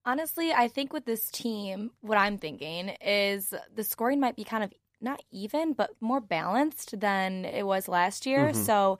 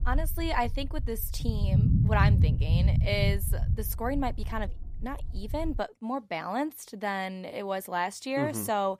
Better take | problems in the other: first | low rumble; loud; until 6 s; 7 dB below the speech

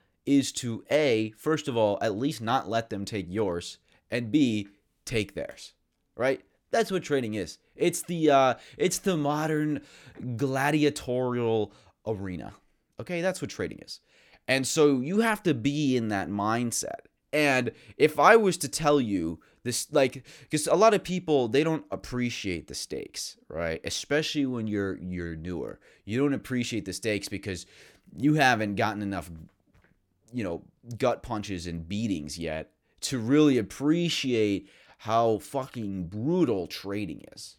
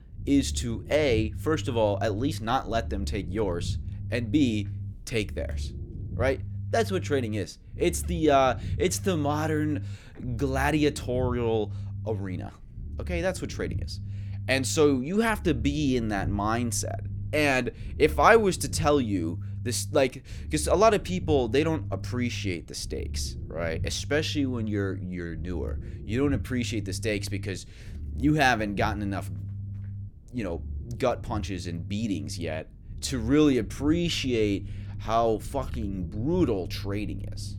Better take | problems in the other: first | low rumble; faint; throughout; 25 dB below the speech

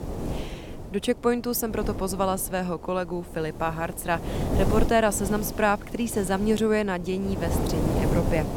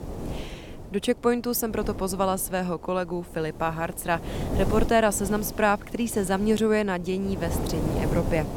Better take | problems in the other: second | wind noise on the microphone; heavy; 8 dB below the speech; occasional gusts in the second

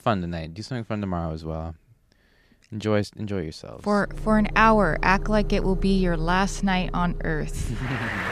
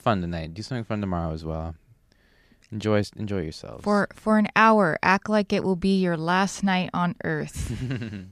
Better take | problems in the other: second | traffic noise; loud; from 4 s on; 9 dB below the speech

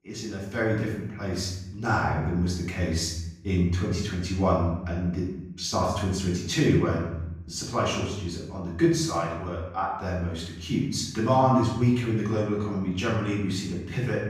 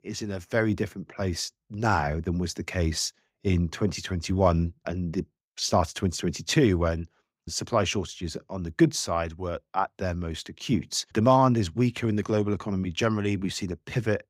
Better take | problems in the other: second | room echo; noticeable; dies away in 0.8 s // off-mic speech; far

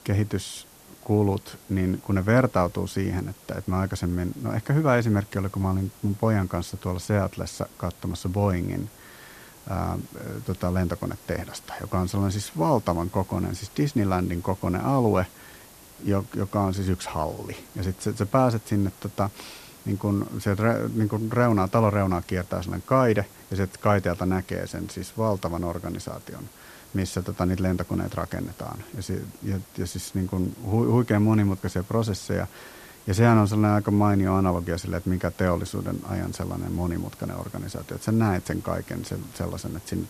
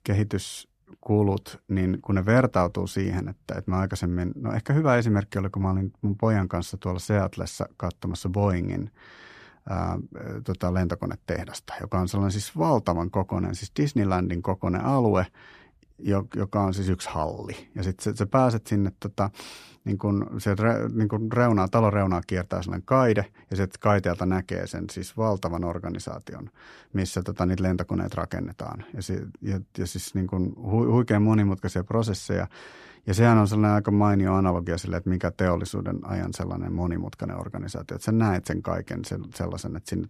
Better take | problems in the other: second | hiss; faint; throughout; 20 dB below the speech

